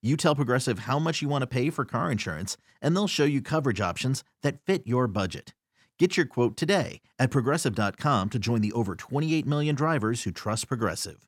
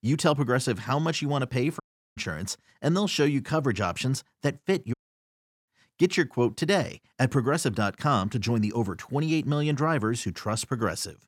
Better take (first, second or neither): first